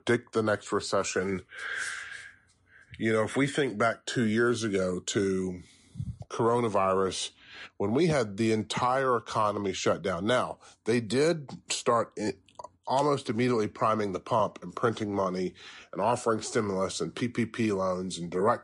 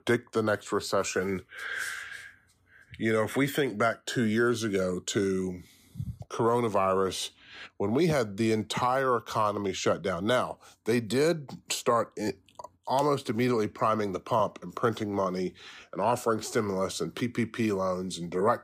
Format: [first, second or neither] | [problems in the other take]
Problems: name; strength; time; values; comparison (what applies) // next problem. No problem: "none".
second | garbled, watery; slightly; nothing above 10.5 kHz